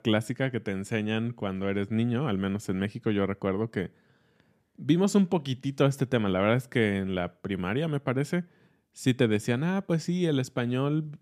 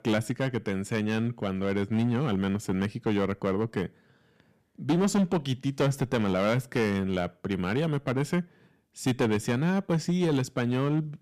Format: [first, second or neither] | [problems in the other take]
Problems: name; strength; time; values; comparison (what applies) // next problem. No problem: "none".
first | distortion; slight; 7% of the sound clipped